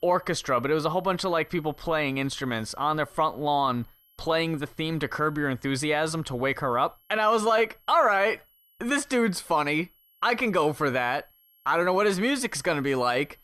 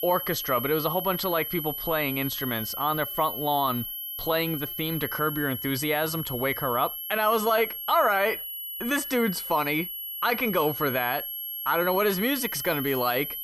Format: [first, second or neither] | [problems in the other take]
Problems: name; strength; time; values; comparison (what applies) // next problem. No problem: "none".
first | high-pitched whine; loud; throughout; 11.5 kHz, 5 dB below the speech; faint in the first